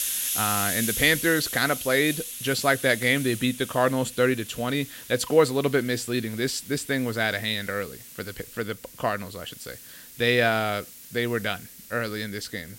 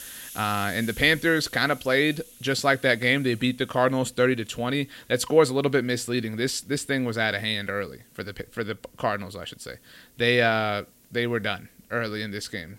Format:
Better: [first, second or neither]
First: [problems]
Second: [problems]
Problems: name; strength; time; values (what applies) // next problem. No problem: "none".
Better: second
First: hiss; loud; throughout; 8 dB below the speech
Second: hiss; faint; throughout; 25 dB below the speech